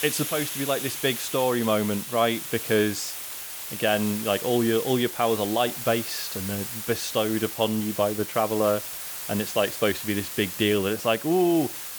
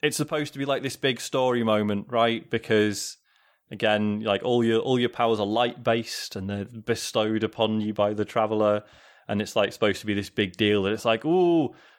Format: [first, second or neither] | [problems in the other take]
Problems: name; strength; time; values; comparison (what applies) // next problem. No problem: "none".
second | hiss; loud; throughout; 6 dB below the speech